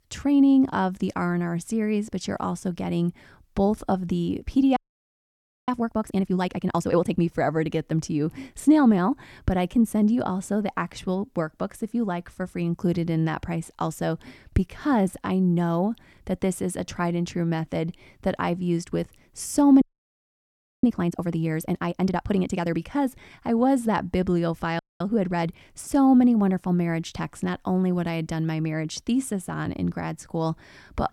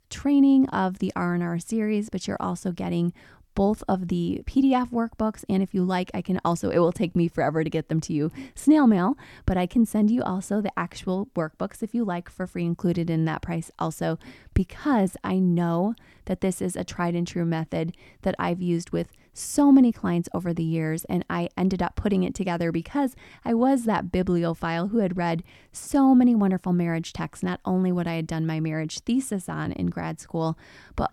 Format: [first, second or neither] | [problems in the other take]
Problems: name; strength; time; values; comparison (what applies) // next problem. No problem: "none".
second | audio freezing; at 5 s for 1 s, at 20 s for 1 s and at 25 s